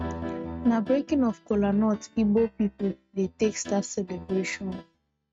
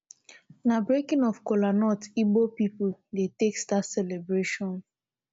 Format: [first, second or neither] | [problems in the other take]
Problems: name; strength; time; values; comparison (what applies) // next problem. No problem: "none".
second | noise reduction (neural mask model RNNoise)